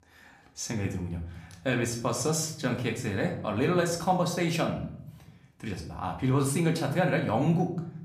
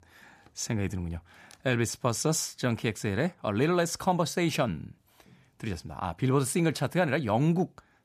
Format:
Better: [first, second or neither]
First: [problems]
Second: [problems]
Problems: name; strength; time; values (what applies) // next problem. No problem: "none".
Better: second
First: room echo; slight; dies away in 0.5 s // off-mic speech; somewhat distant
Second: none